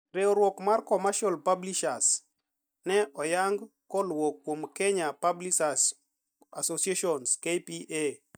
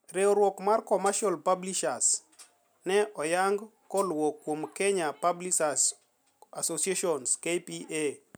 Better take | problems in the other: second | noise reduction (neural mask model DeepFilterNet 3)

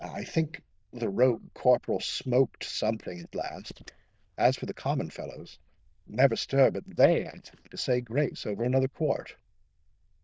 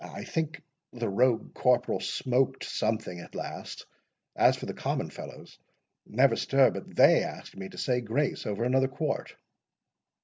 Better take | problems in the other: second | noise reduction (neural diffusion model UNIVERSE++)

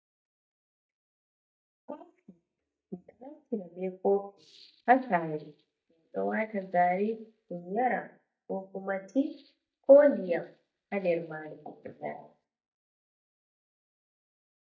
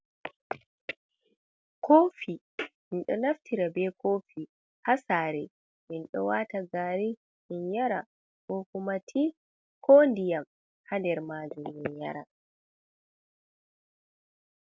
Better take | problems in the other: second | noise reduction (neural mask model DeepFilterNet 3)

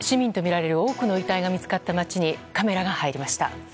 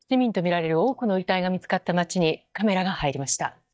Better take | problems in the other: first | noise reduction (neural mask model DeepFilterNet 3)

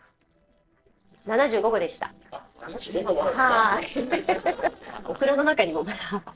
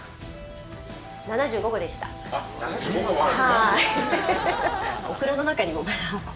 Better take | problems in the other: second | noise reduction (neural separator model SepFormer DNS4)

